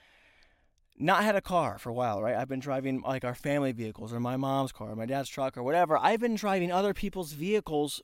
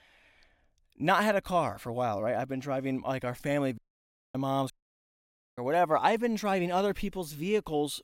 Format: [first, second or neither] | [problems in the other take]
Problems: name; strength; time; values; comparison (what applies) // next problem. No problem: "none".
first | audio cutting out; at 4 s for 0.5 s and at 4.5 s for 1 s